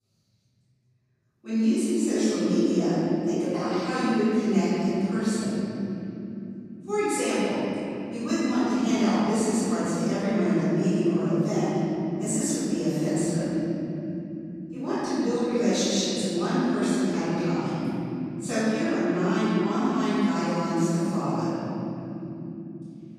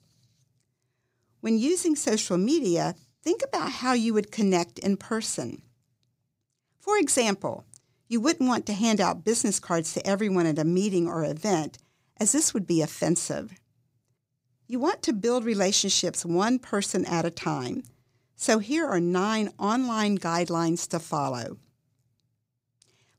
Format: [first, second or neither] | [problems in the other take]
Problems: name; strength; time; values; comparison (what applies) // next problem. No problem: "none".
second | room echo; strong; dies away in 3 s // off-mic speech; far